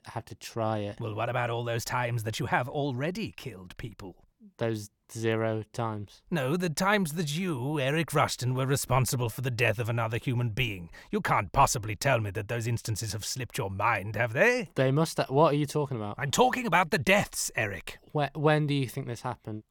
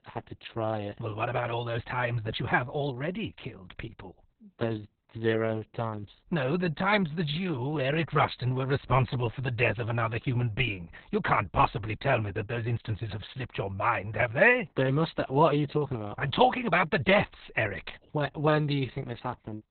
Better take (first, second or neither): first